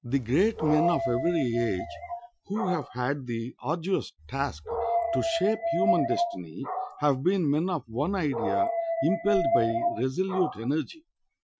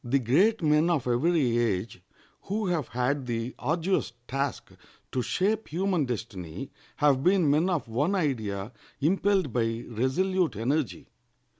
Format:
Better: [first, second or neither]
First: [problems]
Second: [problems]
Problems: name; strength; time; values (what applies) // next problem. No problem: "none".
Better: second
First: noise reduction (classical method Wiener filter)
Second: none